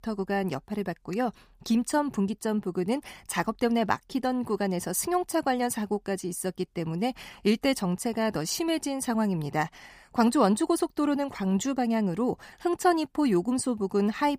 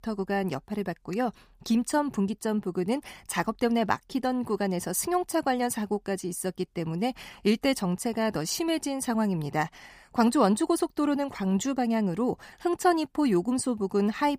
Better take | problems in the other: neither | none

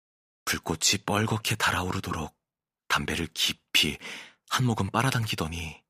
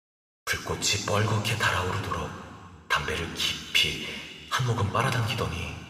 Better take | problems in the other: first | room echo; slight; dies away in 2.2 s

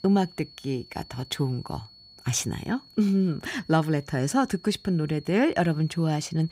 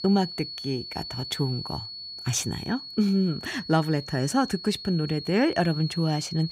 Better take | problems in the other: first | high-pitched whine; loud; throughout; 4.5 kHz, 9 dB below the speech; faint in the first

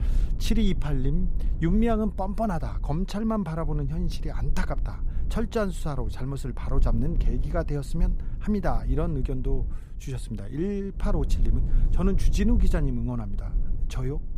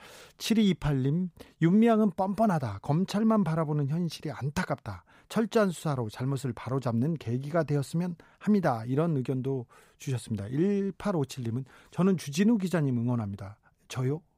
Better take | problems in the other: second | low rumble; noticeable; throughout; 15 dB below the speech

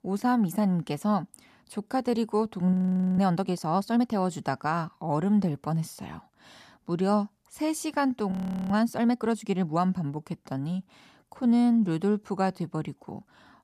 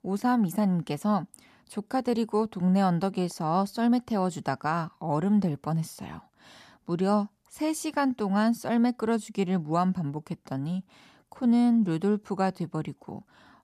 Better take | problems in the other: second | audio freezing; at 2.5 s and at 8.5 s

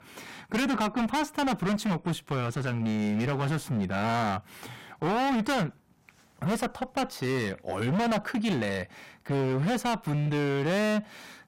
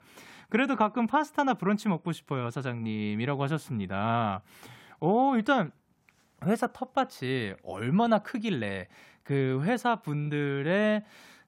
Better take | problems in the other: second | distortion; heavy; 24% of the sound clipped

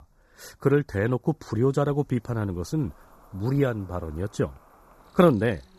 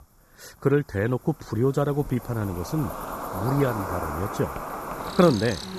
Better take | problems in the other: first | animal sounds; loud; throughout; 8 dB below the speech; faint in the first

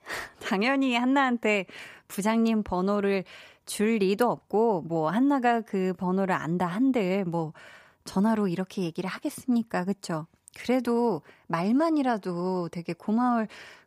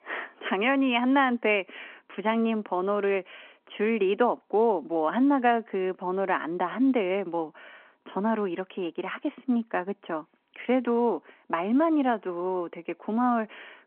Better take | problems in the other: first | phone-call audio

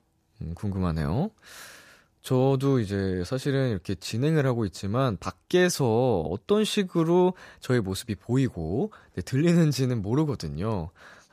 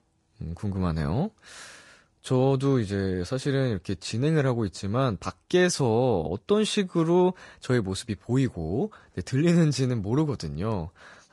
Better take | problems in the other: first | garbled, watery; slightly; nothing above 10.5 kHz

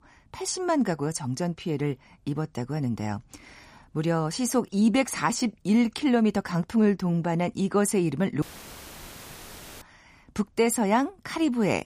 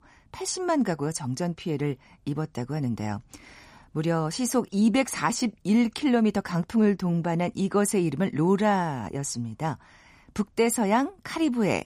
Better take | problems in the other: second | audio cutting out; filled with static; at 8.5 s for 1.5 s

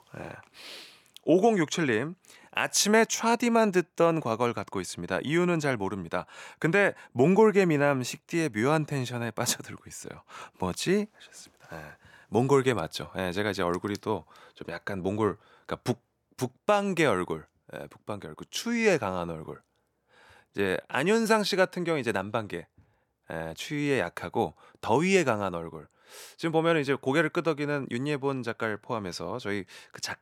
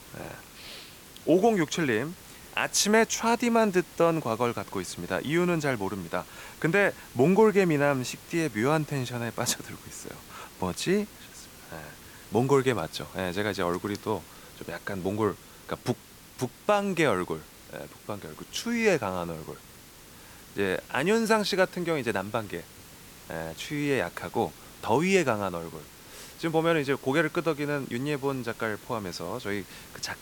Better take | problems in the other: first | hiss; noticeable; throughout; 20 dB below the speech

